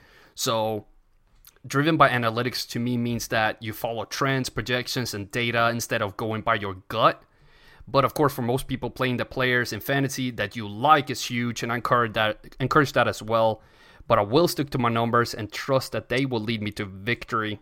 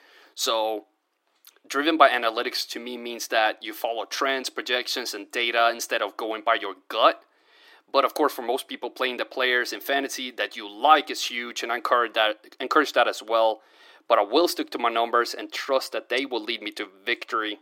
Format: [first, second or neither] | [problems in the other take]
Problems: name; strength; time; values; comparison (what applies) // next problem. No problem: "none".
first | thin; somewhat; fading below 300 Hz